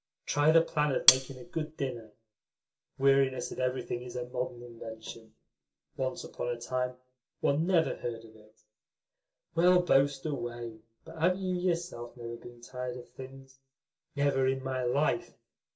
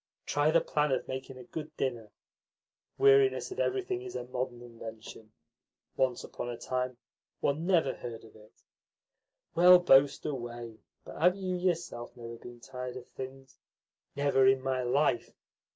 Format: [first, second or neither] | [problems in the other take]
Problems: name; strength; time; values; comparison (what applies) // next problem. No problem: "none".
second | background sound (Cutlery, silverware); 3 dB above the speech // room echo; dies away in 0.2 s